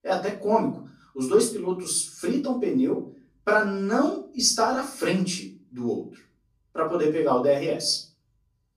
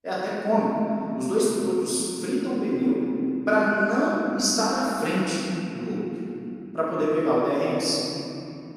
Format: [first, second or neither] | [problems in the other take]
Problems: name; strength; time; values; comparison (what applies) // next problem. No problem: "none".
first | room echo; strong; dies away in 3 s; slight in the first // off-mic speech; far; far in the first